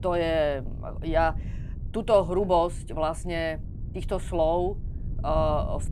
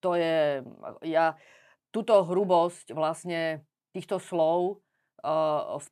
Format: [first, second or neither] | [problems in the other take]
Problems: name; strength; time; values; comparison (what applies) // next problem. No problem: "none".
second | wind noise on the microphone; occasional gusts; 25 dB below the speech